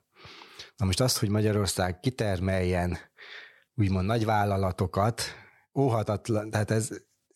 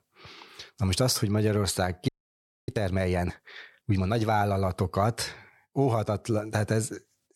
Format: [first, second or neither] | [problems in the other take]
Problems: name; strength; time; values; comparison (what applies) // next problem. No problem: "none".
first | audio freezing; at 2 s for 0.5 s